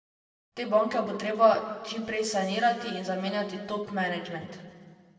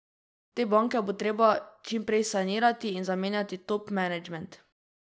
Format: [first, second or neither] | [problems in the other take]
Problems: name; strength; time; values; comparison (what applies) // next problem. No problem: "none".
second | room echo; dies away in 1.8 s